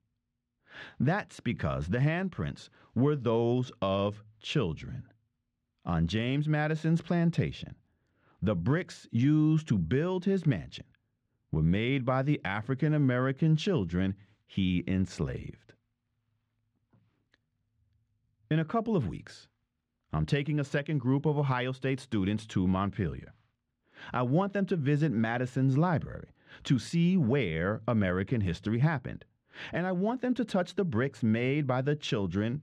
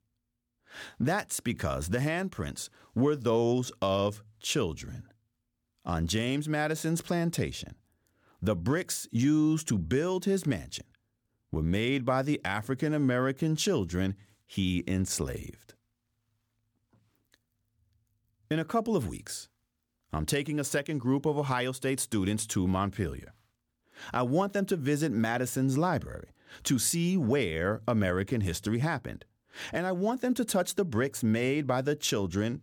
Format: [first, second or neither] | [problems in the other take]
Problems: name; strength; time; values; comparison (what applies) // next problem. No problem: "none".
second | muffled; slightly; fading above 3 kHz